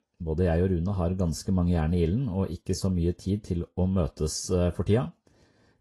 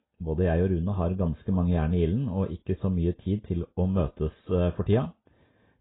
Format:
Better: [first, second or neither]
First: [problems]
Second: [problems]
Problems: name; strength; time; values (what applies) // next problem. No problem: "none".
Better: first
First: garbled, watery; slightly; nothing above 11.5 kHz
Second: garbled, watery; badly; nothing above 3.5 kHz